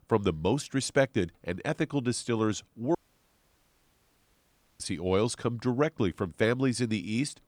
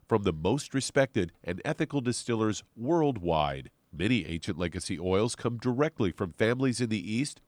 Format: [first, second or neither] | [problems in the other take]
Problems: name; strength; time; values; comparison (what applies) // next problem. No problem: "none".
second | audio cutting out; at 3 s for 2 s